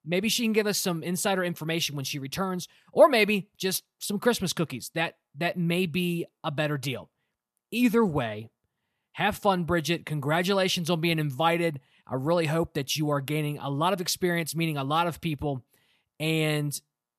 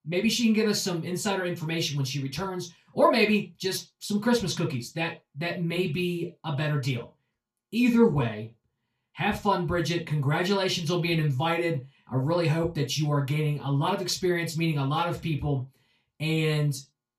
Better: first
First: none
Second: room echo; slight; dies away in 0.2 s // off-mic speech; far

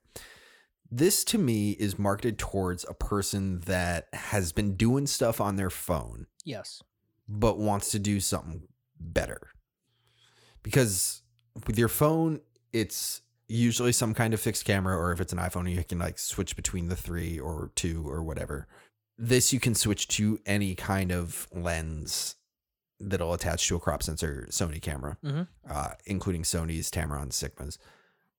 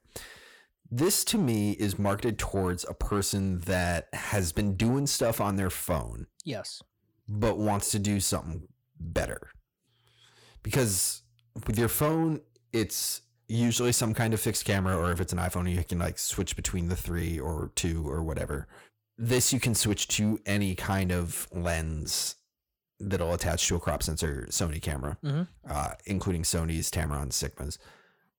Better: first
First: none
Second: distortion; slight; 10 dB below the speech

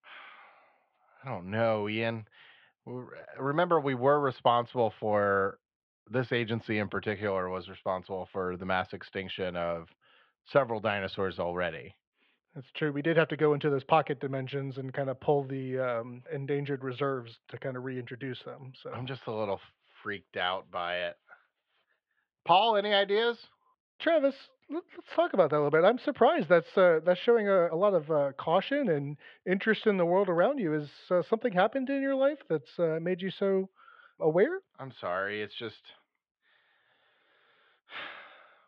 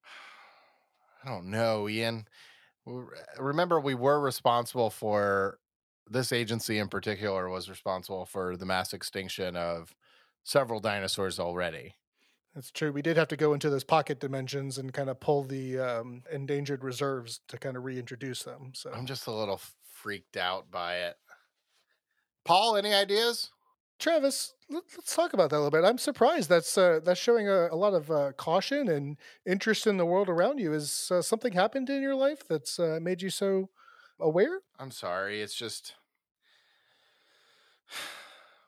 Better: second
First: muffled; very; fading above 3 kHz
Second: none

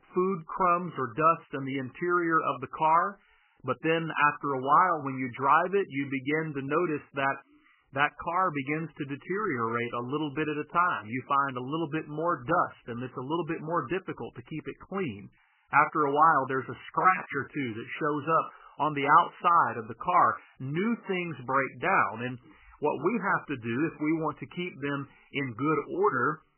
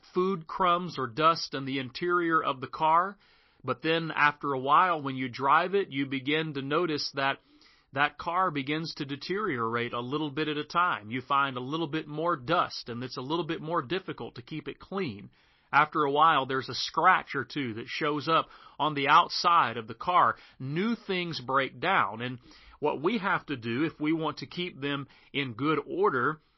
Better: second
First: garbled, watery; badly; nothing above 3 kHz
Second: garbled, watery; slightly; nothing above 5.5 kHz

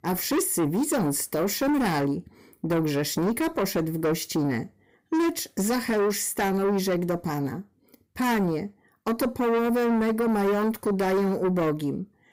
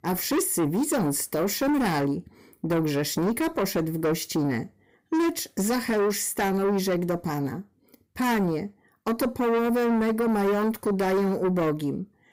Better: neither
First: distortion; heavy; 7 dB below the speech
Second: distortion; heavy; 7 dB below the speech

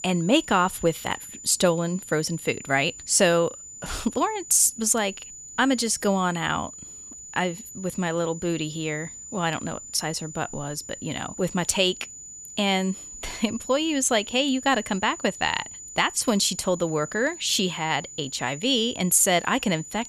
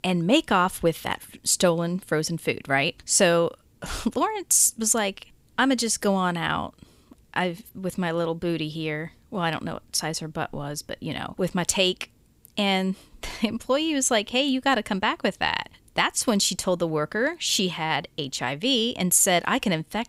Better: second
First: high-pitched whine; noticeable; throughout; 7 kHz, 15 dB below the speech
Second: none

